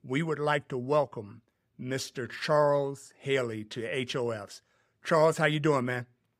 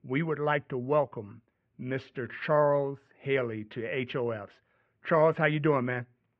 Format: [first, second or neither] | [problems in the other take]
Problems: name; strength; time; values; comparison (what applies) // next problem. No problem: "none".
first | muffled; very; fading above 2.5 kHz